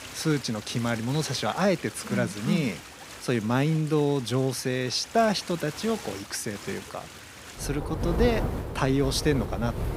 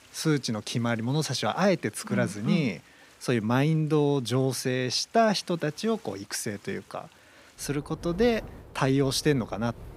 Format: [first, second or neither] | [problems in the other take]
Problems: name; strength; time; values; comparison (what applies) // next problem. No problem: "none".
second | rain or running water; loud; throughout; 10 dB below the speech; faint in the second